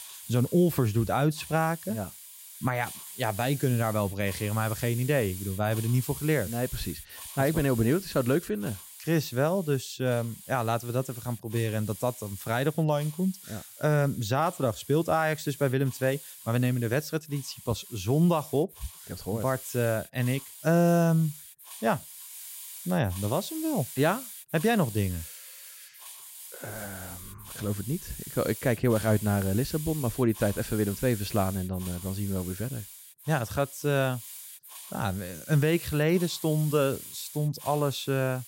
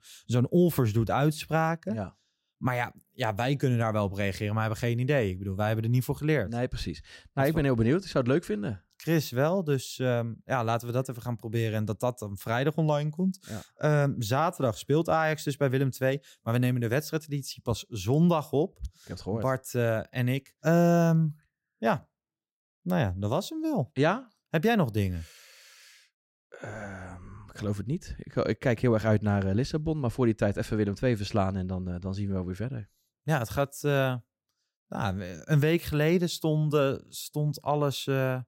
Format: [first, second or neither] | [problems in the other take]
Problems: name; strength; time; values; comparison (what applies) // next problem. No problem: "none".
second | hiss; noticeable; throughout; 15 dB below the speech